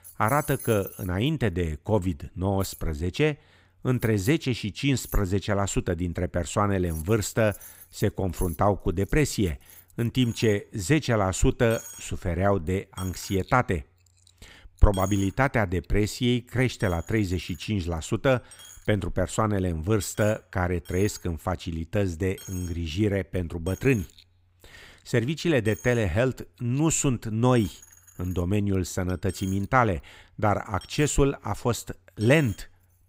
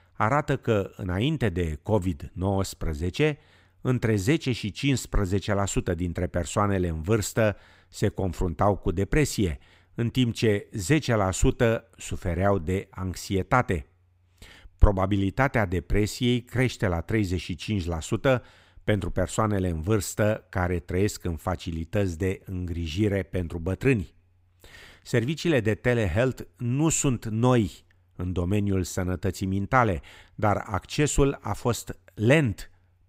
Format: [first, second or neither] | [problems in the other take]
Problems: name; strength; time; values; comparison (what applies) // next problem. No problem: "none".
second | household noises; noticeable; throughout; 20 dB below the speech